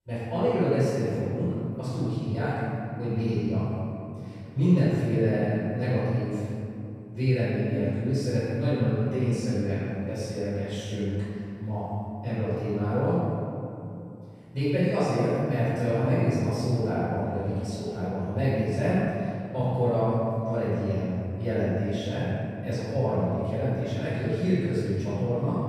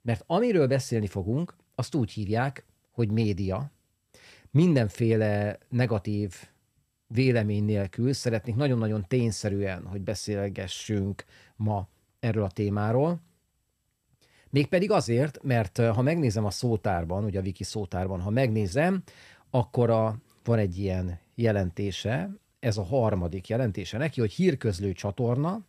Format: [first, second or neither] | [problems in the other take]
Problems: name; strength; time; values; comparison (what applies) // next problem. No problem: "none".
second | off-mic speech; far // room echo; strong; dies away in 2.6 s